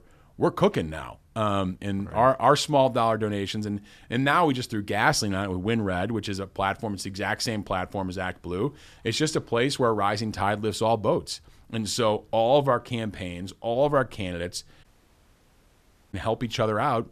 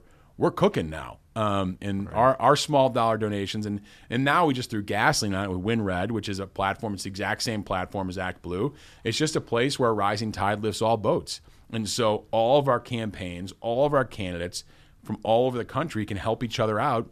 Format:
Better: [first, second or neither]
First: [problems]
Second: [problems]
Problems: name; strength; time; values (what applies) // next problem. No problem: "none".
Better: second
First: audio cutting out; at 15 s for 1.5 s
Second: none